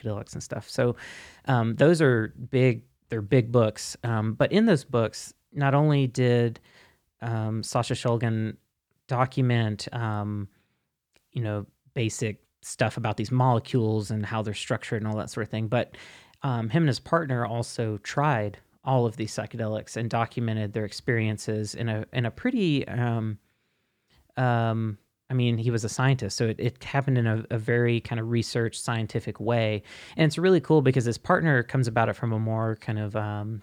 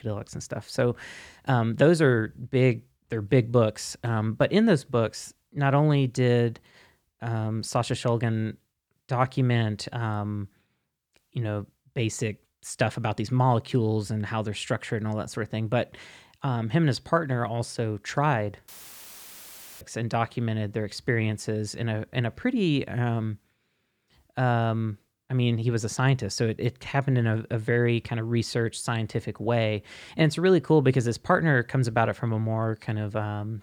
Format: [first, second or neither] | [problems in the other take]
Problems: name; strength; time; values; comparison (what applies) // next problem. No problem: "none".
first | audio cutting out; filled with static; at 19 s for 1 s